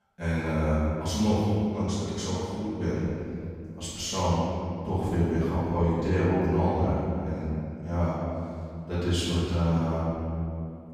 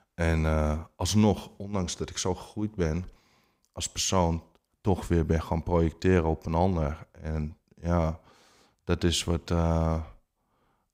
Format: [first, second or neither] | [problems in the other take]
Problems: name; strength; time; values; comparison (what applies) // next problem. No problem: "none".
second | room echo; strong; dies away in 2.4 s // off-mic speech; far